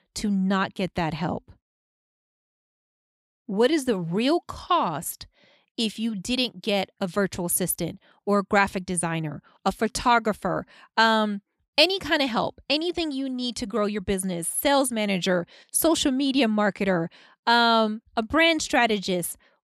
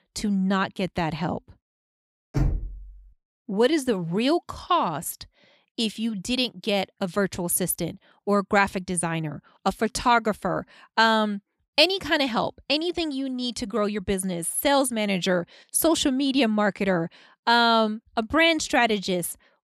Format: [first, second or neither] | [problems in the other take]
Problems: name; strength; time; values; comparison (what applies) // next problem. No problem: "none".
first | door banging; noticeable; at 2.5 s; peak 3 dB below the speech